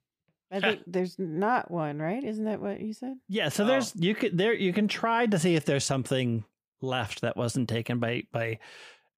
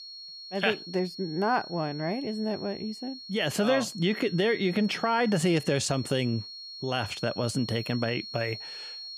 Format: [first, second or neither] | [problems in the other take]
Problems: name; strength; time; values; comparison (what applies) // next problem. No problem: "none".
first | high-pitched whine; noticeable; throughout; 4.5 kHz, 10 dB below the speech